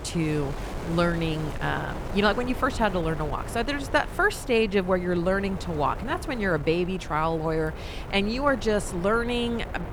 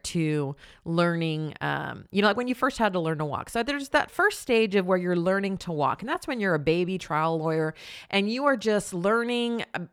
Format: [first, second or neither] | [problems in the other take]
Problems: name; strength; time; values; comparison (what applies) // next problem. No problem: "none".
second | wind noise on the microphone; occasional gusts; 15 dB below the speech